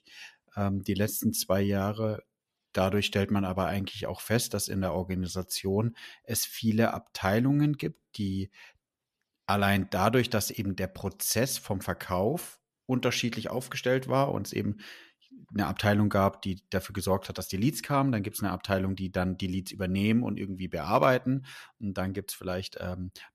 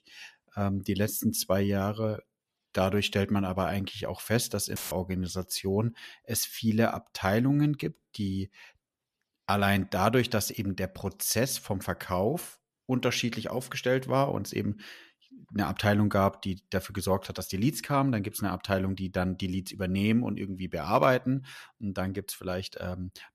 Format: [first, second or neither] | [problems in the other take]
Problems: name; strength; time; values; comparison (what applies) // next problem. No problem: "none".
first | audio cutting out; filled with static; at 5 s